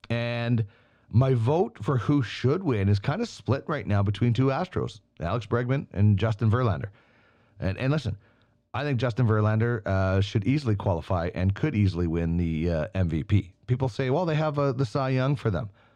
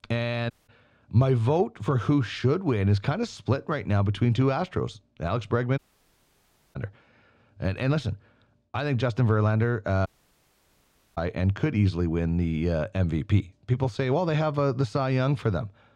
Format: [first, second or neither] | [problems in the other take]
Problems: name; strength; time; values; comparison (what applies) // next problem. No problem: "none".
first | audio cutting out; at 0.5 s, at 6 s for 1 s and at 10 s for 1 s